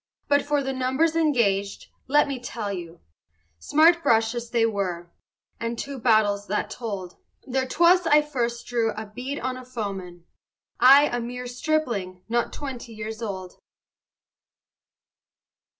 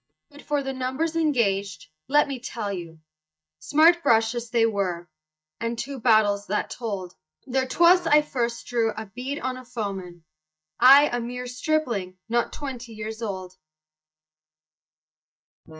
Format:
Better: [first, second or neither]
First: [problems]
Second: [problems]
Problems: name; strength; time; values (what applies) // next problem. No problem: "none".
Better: first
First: none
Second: noise reduction (neural mask model DeepFilterNet 3)